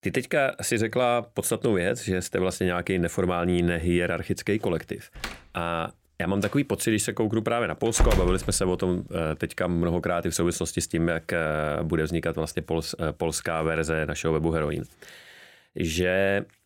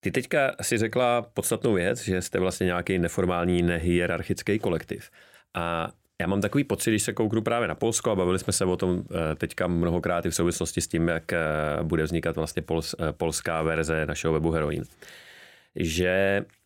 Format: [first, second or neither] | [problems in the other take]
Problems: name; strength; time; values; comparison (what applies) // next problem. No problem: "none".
second | door banging; loud; from 5 to 8.5 s; peak 1 dB above the speech